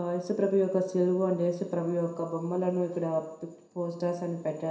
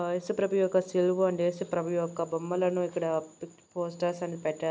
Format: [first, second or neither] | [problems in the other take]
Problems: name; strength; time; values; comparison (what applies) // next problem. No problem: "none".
second | room echo; dies away in 0.7 s